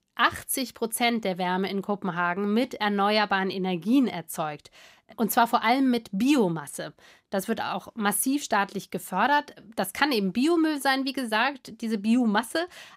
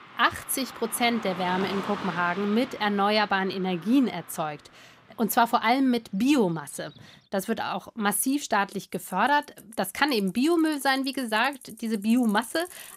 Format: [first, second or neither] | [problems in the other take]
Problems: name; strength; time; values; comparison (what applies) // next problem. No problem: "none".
first | traffic noise; noticeable; throughout; 15 dB below the speech